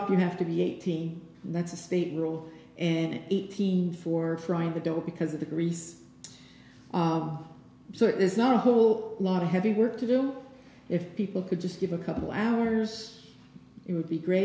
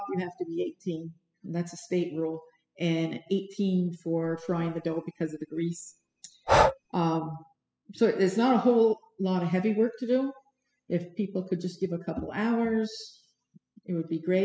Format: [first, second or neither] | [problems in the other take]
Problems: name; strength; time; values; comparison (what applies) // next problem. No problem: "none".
first | noise reduction (classical method spectral subtraction)